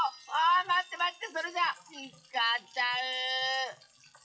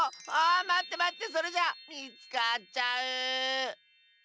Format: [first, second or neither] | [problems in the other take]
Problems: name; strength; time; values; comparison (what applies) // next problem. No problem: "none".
second | noise reduction (classical method WPE with log-MMSE)